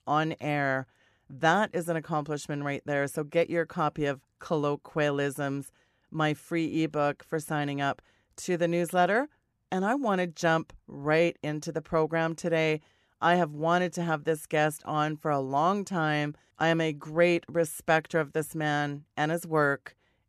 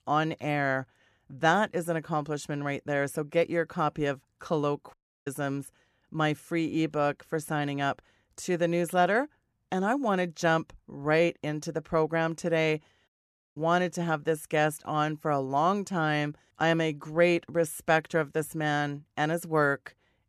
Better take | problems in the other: first | audio cutting out; at 5 s and at 13 s

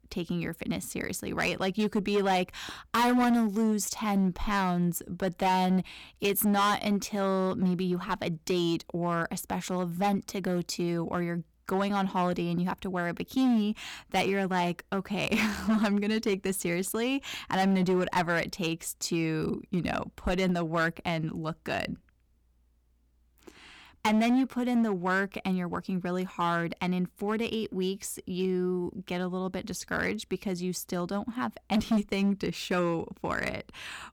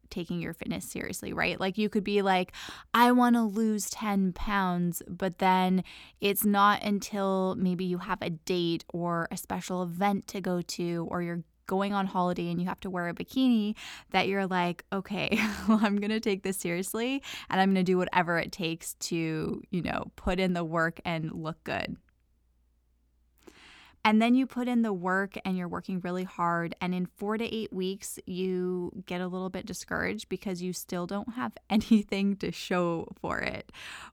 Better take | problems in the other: second | distortion; slight; 6% of the sound clipped

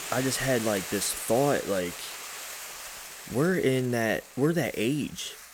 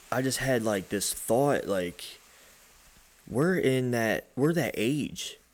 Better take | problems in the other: second | hiss; loud; throughout; 10 dB below the speech; faint in the second

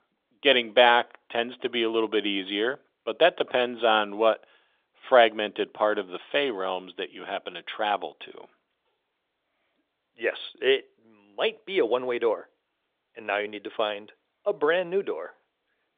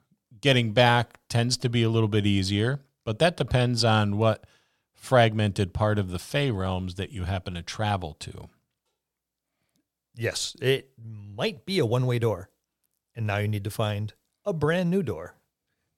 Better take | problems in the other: second | phone-call audio; nothing above 3.5 kHz

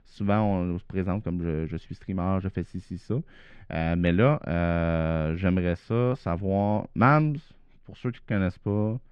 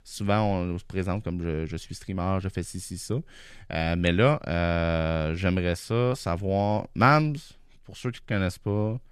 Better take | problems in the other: second | muffled; slightly; fading above 2.5 kHz

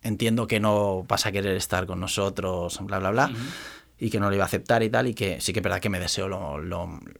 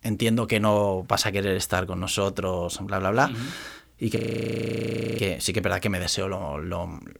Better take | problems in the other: first | audio freezing; at 4 s for 1 s

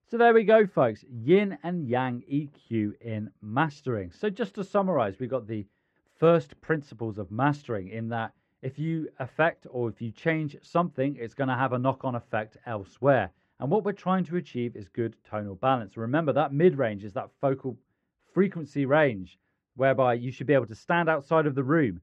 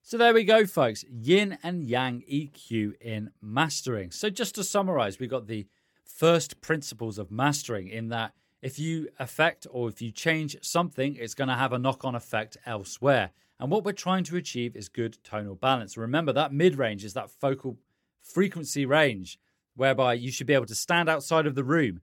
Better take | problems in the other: second | muffled; very; fading above 1.5 kHz

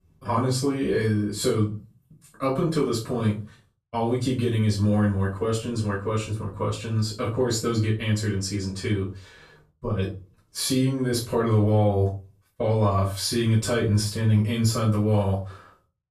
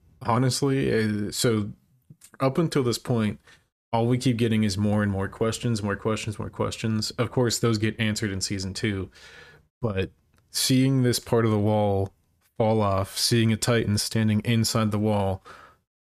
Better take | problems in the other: second | off-mic speech; far // room echo; slight; dies away in 0.3 s

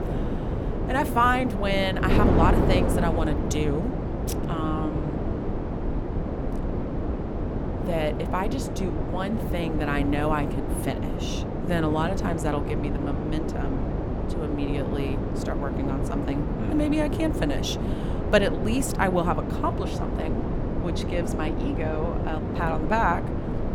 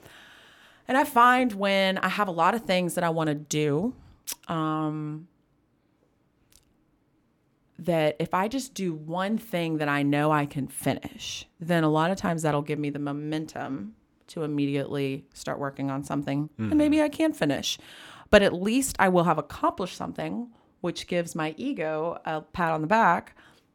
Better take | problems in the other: second | wind noise on the microphone; heavy; 5 dB below the speech

